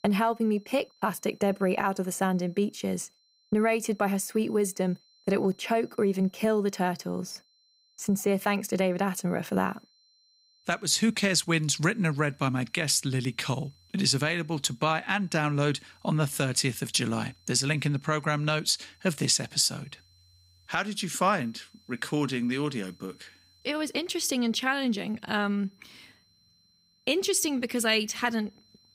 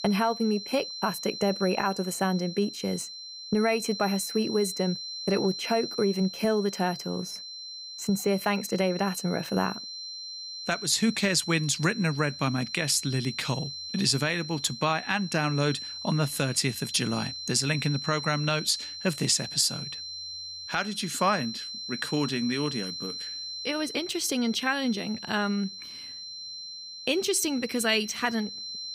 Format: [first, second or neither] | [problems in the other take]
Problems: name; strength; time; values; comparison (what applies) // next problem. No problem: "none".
first | high-pitched whine; loud; throughout; 4 kHz, 9 dB below the speech; faint in the first